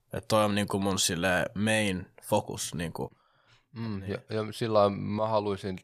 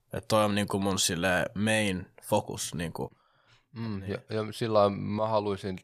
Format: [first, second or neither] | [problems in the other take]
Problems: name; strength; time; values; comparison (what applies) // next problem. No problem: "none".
neither | none